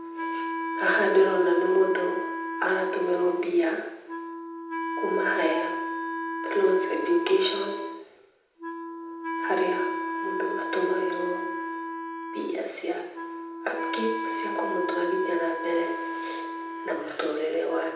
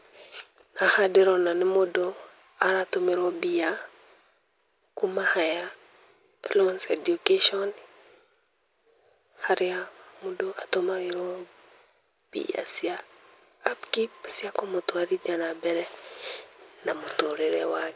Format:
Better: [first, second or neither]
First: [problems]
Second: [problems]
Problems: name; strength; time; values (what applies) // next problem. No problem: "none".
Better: second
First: background sound (Wind instrument, woodwind instrument); 5 dB below the speech // room echo; dies away in 0.8 s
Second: none